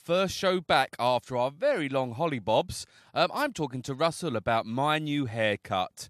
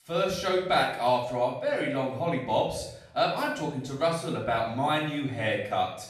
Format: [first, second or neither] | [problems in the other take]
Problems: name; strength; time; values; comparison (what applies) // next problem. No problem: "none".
first | off-mic speech; far // room echo; noticeable; dies away in 0.6 s